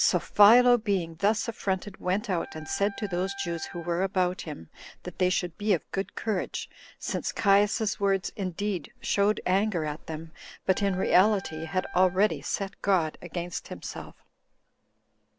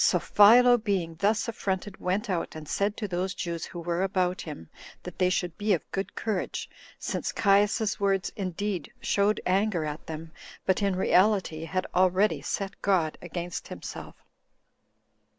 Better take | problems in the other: second | background sound (Wind instrument, woodwind instrument); 18 dB below the speech

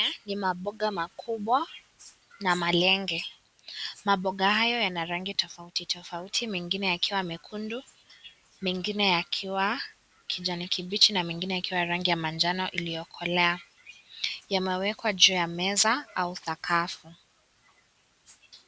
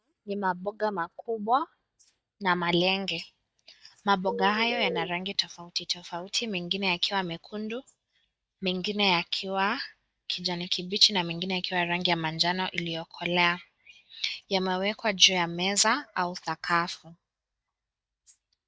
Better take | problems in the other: first | noise reduction (neural mask model DeepFilterNet 3)

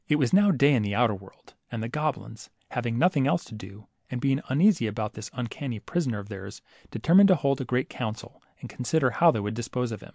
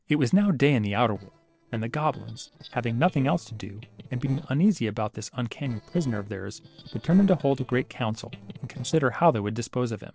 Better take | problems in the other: first | noise reduction (neural separator model SepFormer DNS4)

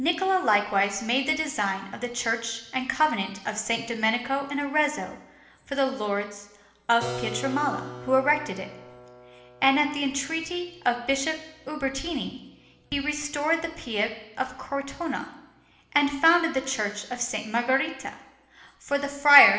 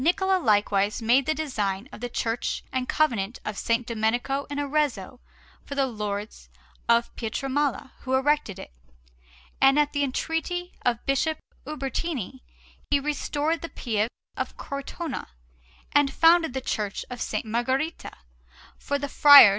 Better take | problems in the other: second | background sound (Keyboard (musical)); 19 dB below the speech // room echo; dies away in 1 s

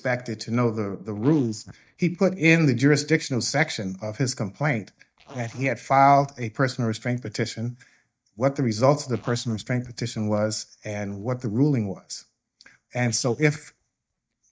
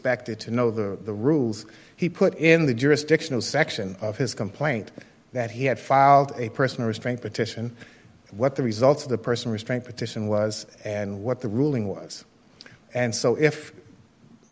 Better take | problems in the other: second | noise reduction (neural mask model DeepFilterNet 3)

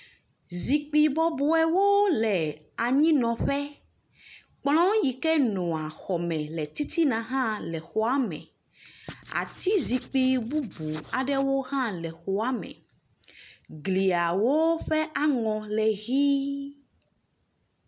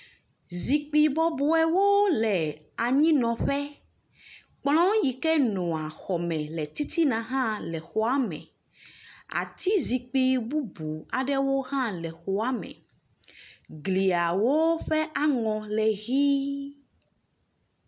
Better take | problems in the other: second | background sound (Writing); 20 dB below the speech

